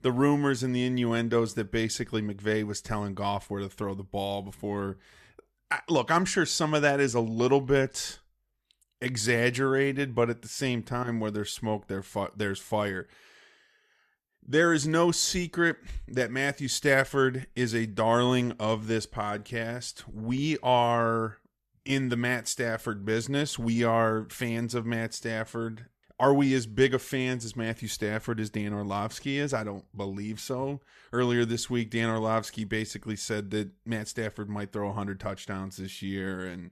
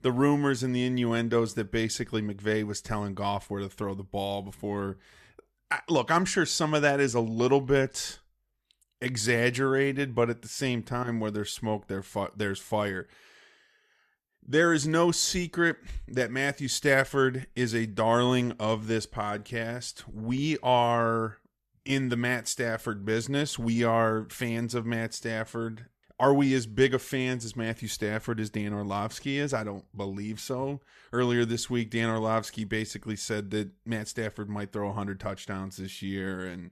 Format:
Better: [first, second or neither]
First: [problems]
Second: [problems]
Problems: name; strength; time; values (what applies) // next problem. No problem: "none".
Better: neither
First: none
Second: none